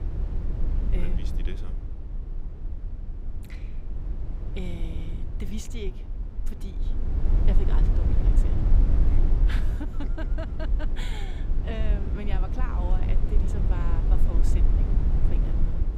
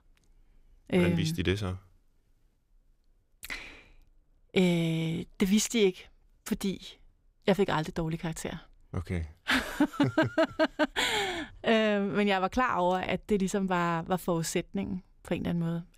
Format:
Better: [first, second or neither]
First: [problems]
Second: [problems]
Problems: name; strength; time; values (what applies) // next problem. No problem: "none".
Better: second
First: low rumble; loud; throughout; 1 dB below the speech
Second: none